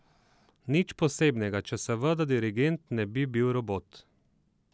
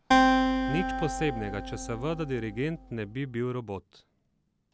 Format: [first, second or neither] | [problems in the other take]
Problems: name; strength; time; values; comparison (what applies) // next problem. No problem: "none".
first | background sound (Acoustic guitar); 5 dB above the speech